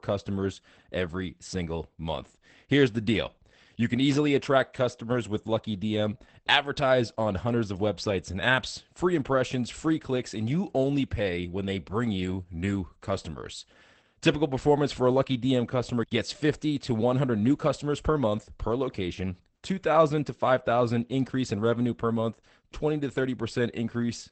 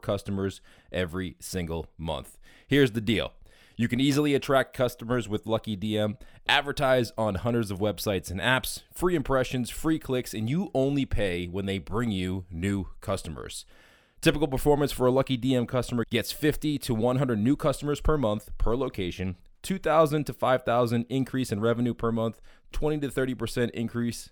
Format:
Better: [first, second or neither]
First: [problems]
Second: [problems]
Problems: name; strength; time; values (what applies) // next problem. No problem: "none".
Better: second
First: garbled, watery; badly; nothing above 8 kHz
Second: none